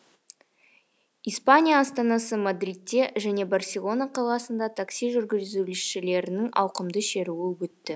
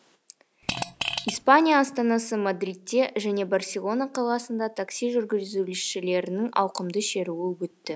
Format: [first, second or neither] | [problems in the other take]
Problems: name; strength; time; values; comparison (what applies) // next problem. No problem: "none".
first | background sound (Fart); 6 dB below the speech